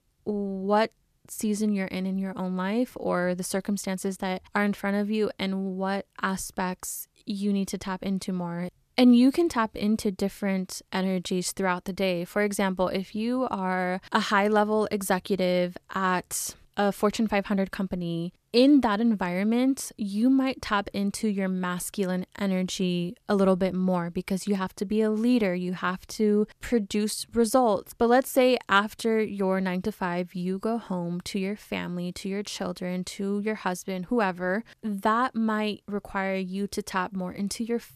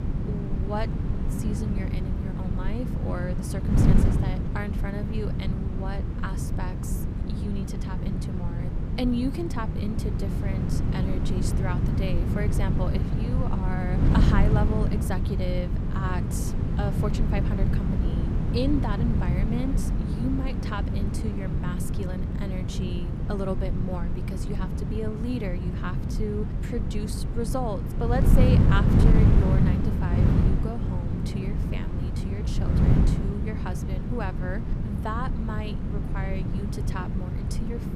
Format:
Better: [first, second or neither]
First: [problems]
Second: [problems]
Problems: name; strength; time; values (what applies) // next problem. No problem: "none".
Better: first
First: none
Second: wind noise on the microphone; heavy; 1 dB below the speech